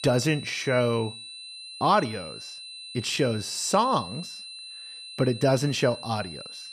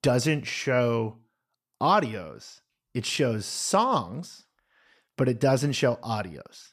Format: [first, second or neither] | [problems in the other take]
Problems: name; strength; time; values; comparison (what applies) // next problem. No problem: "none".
second | high-pitched whine; noticeable; throughout; 4 kHz, 15 dB below the speech